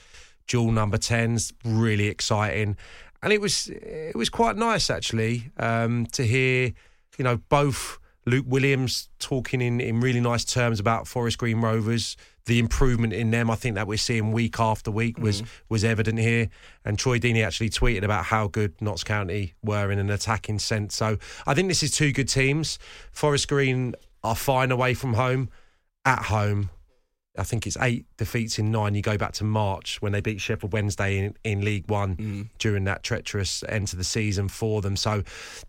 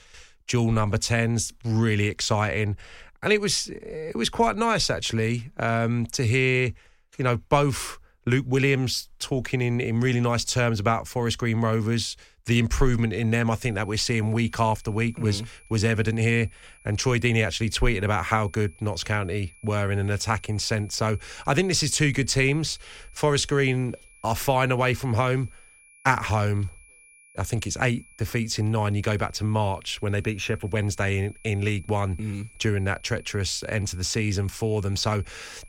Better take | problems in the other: first | high-pitched whine; faint; from 14 s on; 2.5 kHz, 25 dB below the speech

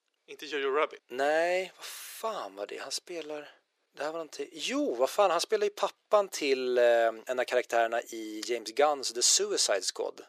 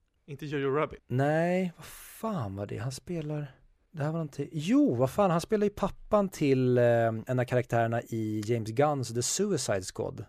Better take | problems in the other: second | thin; very; fading below 400 Hz

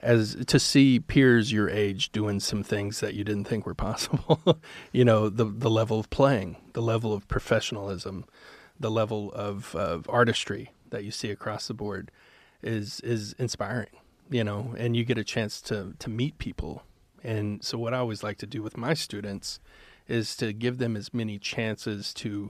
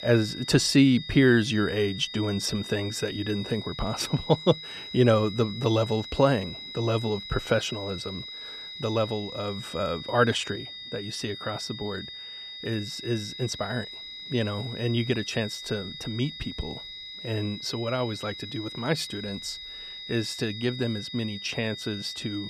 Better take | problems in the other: first | high-pitched whine; loud; throughout; 4 kHz, 10 dB below the speech

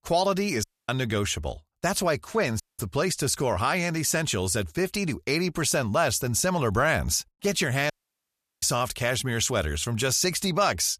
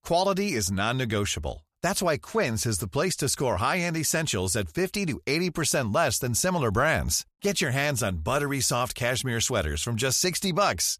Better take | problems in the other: second | audio cutting out; at 0.5 s, at 2.5 s and at 8 s for 0.5 s

